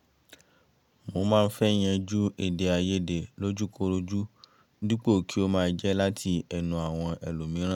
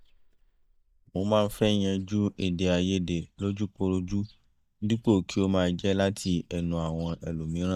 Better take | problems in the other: first | noise reduction (neural mask model DeepFilterNet 3)

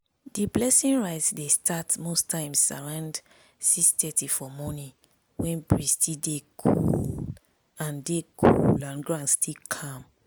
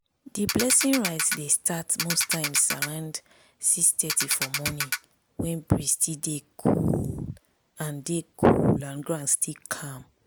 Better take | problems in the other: first | background sound (Ratchet, pawl); 4 dB below the speech

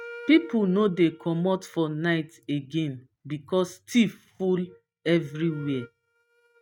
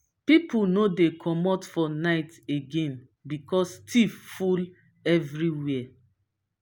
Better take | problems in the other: second | noise reduction (neural mask model RNNoise)

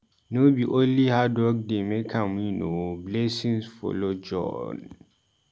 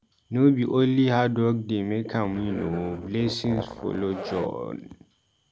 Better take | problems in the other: first | background sound (Zipper (clothing)); 12 dB below the speech

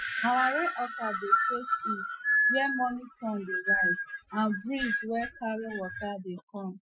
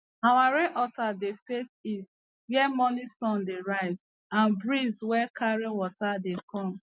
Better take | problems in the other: second | noise reduction (classical method Wiener filter)

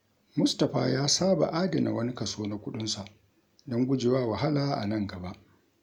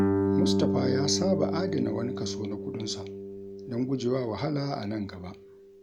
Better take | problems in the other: first | background sound (Guitar); 1 dB above the speech

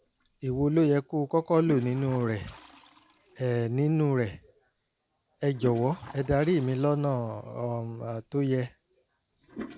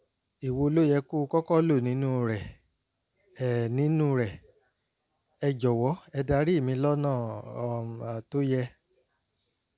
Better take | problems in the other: second | background sound (Toilet flush); 20 dB below the speech

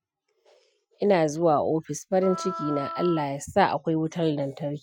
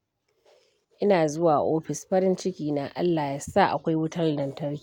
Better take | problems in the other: second | noise reduction (classical method Wiener filter)

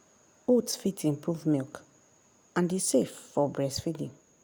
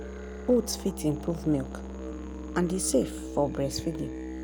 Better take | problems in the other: first | background sound (Musical instrument); 7 dB below the speech

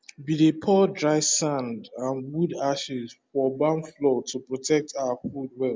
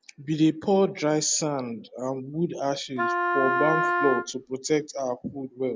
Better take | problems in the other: first | background sound (Wind instrument, woodwind instrument); 1 dB above the speech

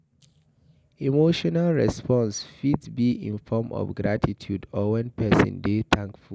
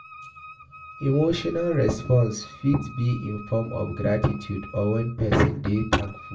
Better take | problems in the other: first | background sound (Wind instrument, woodwind instrument); 19 dB below the speech // room echo; dies away in 0.3 s

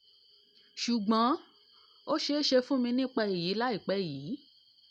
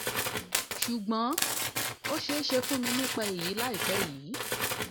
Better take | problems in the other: first | background sound (Tools); 1 dB above the speech

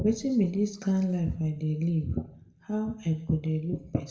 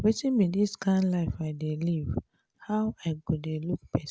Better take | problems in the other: second | room echo; dies away in 0.6 s

